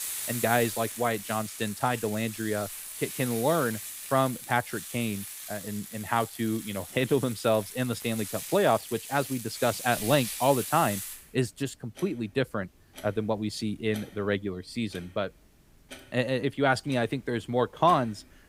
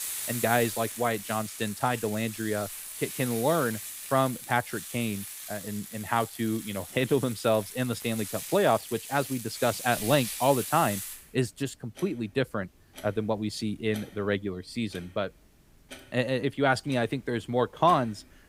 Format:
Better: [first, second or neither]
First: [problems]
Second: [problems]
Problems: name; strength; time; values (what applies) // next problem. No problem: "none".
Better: neither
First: household noises; loud; throughout; 8 dB below the speech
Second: household noises; loud; throughout; 8 dB below the speech